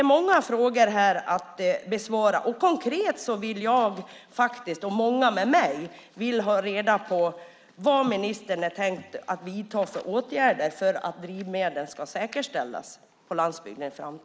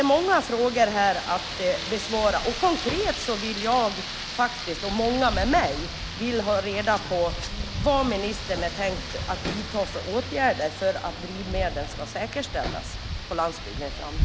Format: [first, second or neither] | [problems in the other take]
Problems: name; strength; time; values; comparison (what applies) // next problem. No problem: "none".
first | background sound (Rain); 6 dB below the speech